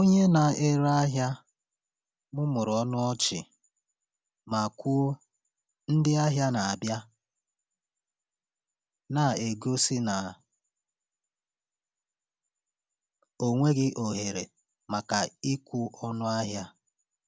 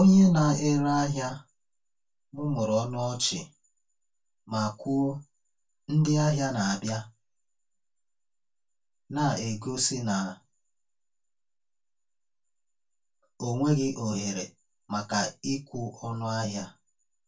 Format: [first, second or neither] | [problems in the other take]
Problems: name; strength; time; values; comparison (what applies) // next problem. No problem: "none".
first | room echo; dies away in 0.2 s